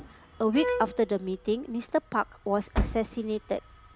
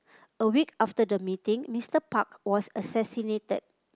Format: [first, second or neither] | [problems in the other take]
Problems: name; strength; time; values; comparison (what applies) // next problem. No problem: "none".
second | background sound (Bowed string instrument + Engine starting); 7 dB below the speech